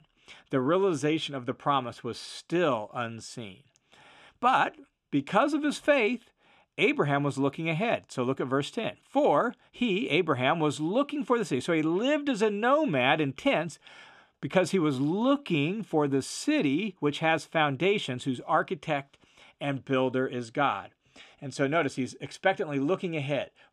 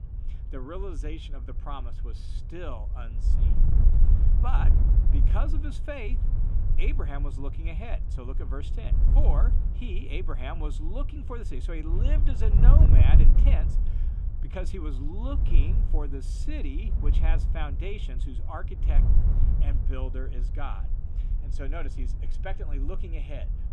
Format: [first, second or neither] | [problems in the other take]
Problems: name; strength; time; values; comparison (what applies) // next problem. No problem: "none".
first | wind noise on the microphone; heavy; 5 dB below the speech